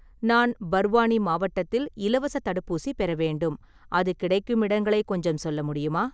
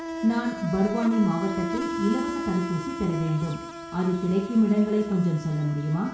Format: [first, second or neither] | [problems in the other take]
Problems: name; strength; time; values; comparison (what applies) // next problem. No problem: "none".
first | background sound (Insect); 9 dB below the speech // room echo; dies away in 0.5 s